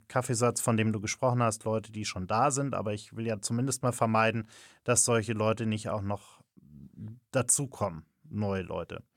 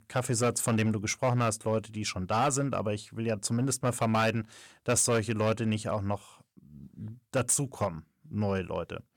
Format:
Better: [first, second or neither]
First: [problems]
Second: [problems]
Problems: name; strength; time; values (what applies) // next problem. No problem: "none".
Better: first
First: none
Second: distortion; slight; 5% of the sound clipped